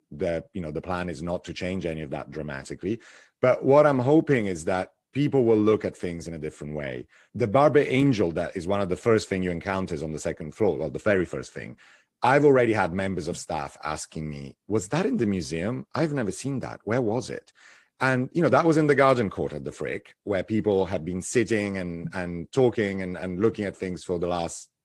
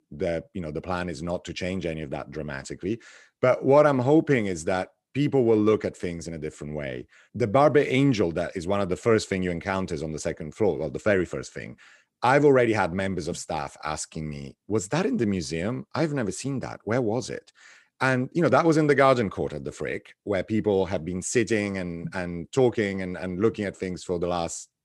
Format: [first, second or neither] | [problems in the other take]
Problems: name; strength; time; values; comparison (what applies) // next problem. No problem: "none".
second | garbled, watery; slightly